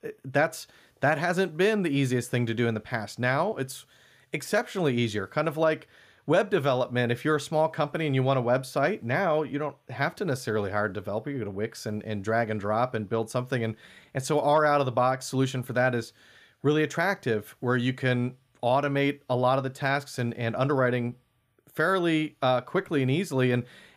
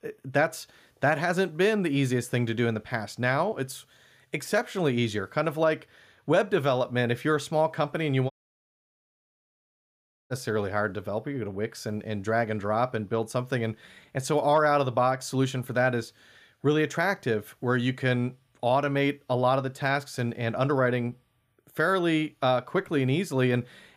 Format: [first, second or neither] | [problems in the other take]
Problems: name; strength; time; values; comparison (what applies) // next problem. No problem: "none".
first | audio cutting out; at 8.5 s for 2 s